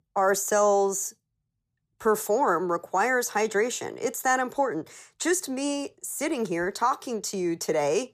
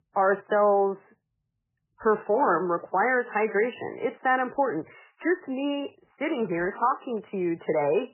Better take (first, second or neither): first